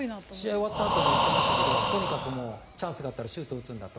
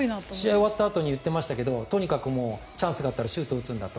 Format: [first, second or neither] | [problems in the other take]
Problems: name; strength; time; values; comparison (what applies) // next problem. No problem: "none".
second | background sound (Breathing); 5 dB above the speech